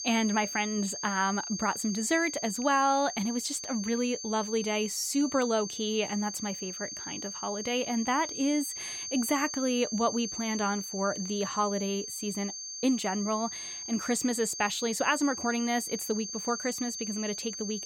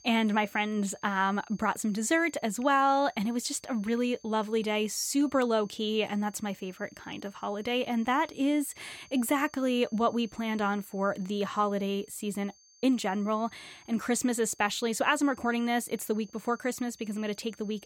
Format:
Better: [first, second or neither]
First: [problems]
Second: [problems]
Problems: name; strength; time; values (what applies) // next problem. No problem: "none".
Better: second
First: high-pitched whine; loud; throughout; 6.5 kHz, 6 dB below the speech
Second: high-pitched whine; faint; throughout; 6.5 kHz, 25 dB below the speech